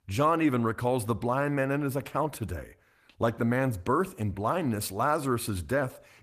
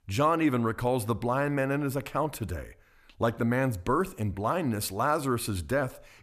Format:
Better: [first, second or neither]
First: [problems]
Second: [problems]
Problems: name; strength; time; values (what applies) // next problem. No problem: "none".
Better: second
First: garbled, watery; slightly; nothing above 14.5 kHz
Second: none